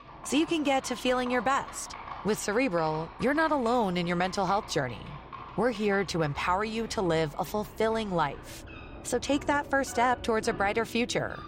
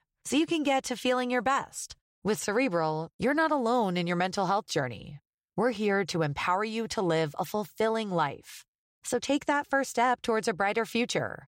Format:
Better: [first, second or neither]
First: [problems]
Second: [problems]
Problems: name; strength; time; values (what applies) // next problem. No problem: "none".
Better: second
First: animal sounds; noticeable; throughout; 15 dB below the speech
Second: none